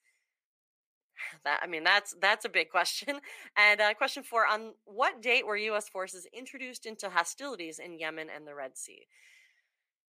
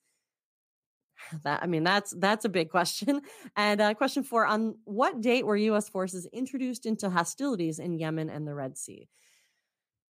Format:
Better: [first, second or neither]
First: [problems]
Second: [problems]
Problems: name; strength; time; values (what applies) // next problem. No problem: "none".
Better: second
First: thin; very; fading below 600 Hz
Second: none